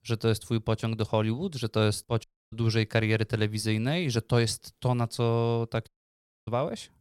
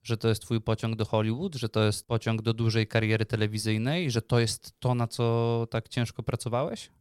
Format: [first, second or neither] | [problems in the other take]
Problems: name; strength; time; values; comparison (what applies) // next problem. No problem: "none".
second | audio cutting out; at 2 s and at 6 s for 0.5 s